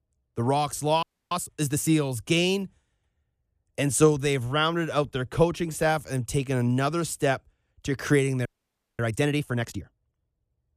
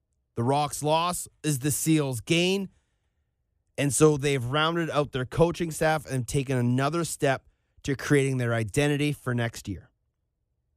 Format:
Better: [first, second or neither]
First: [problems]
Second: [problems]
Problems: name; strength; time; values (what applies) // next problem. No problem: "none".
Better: second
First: audio freezing; at 1 s and at 8.5 s for 0.5 s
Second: none